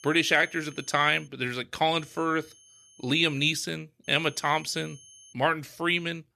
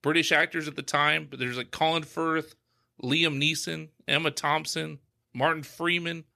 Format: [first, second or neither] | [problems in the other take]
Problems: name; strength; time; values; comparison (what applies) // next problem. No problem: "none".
second | high-pitched whine; faint; until 1.5 s, from 2 to 3.5 s and from 4 to 5.5 s; 6.5 kHz, 25 dB below the speech